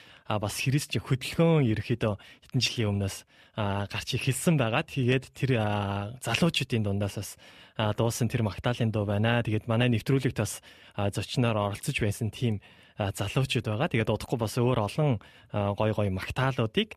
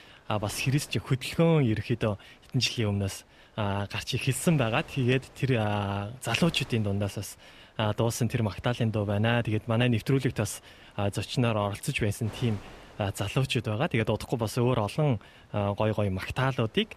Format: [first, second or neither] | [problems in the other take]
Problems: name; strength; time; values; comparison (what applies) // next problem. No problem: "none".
first | wind noise on the microphone; occasional gusts; 25 dB below the speech